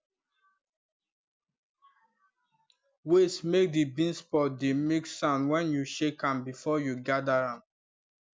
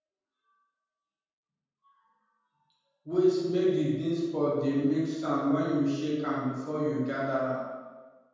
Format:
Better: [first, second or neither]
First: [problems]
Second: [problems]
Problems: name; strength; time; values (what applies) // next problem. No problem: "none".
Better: first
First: none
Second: room echo; dies away in 1.2 s